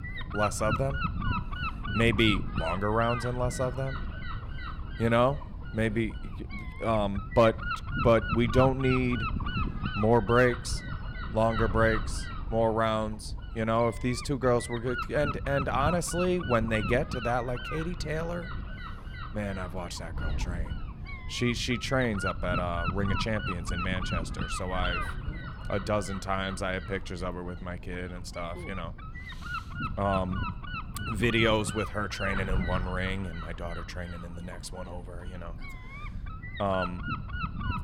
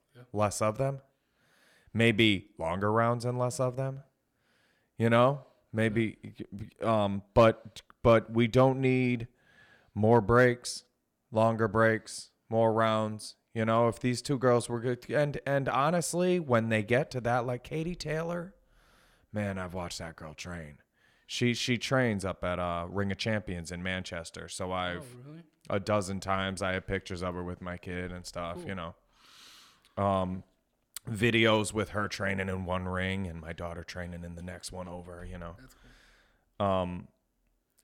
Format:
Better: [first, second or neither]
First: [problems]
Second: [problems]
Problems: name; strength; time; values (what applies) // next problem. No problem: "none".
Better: second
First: wind noise on the microphone; heavy; 7 dB below the speech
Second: none